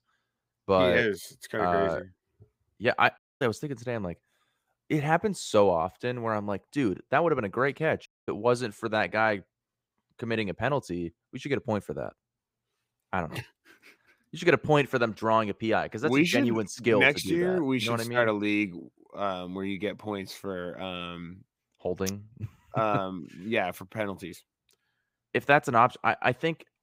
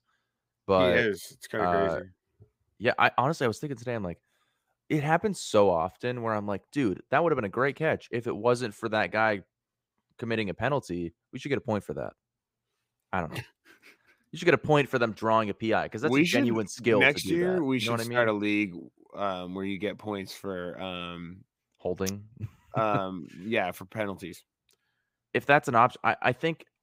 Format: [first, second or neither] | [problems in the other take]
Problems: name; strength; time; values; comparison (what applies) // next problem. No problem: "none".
second | audio cutting out; at 3 s and at 8 s